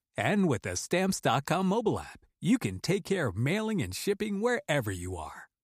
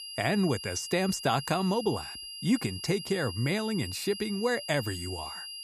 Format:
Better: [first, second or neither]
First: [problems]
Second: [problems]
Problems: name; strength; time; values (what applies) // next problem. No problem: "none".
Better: first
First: none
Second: high-pitched whine; loud; throughout; 5 kHz, 9 dB below the speech